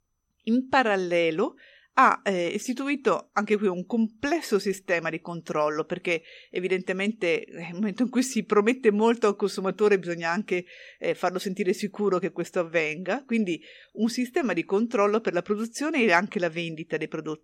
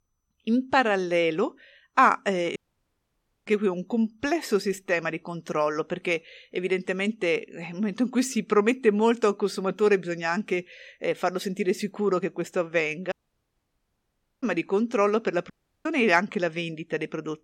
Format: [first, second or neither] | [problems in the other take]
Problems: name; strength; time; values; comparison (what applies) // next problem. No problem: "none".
first | audio cutting out; at 2.5 s for 1 s, at 13 s for 1.5 s and at 16 s